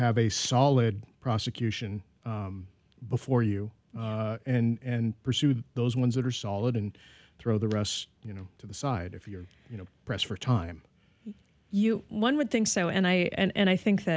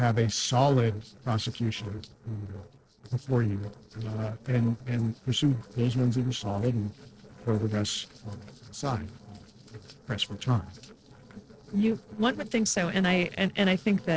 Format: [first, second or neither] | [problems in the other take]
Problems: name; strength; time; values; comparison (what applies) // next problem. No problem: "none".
first | noise reduction (neural separator model SepFormer DNS4)